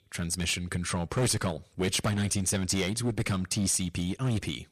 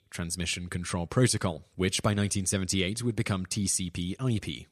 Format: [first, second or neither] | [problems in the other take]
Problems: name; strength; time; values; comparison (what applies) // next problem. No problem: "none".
second | distortion; heavy; 9% of the sound clipped